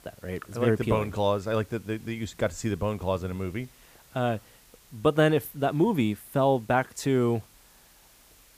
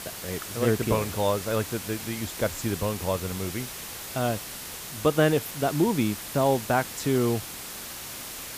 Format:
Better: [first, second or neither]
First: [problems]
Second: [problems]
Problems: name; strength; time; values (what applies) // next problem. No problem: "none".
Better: first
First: hiss; faint; throughout; 25 dB below the speech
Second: hiss; loud; throughout; 8 dB below the speech